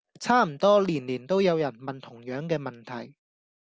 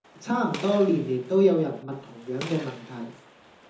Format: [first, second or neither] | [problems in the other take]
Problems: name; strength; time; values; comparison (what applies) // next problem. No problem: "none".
first | background sound (Gunshot, gunfire); 18 dB below the speech // room echo; dies away in 0.5 s